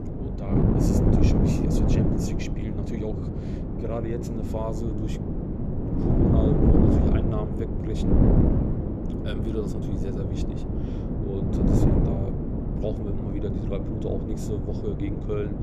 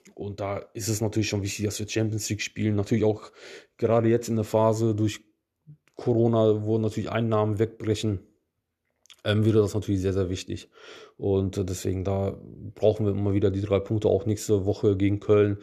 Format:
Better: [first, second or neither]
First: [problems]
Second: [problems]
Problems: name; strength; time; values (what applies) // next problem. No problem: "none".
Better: second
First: wind noise on the microphone; heavy; 4 dB above the speech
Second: none